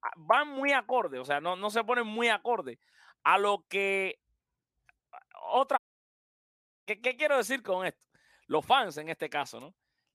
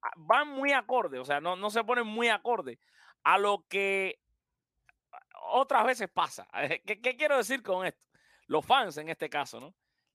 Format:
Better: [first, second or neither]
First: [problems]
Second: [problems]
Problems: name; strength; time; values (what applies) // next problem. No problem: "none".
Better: second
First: audio cutting out; at 6 s for 1 s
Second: none